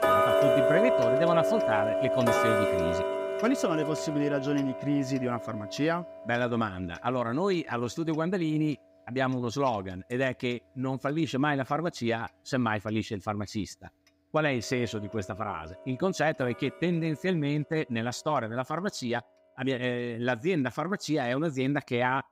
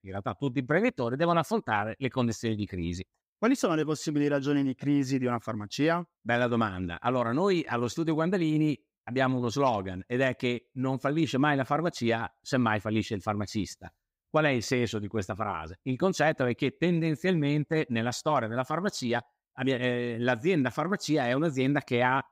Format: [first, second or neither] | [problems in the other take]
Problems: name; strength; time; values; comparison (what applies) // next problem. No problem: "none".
second | household noises; very loud; throughout; 2 dB above the speech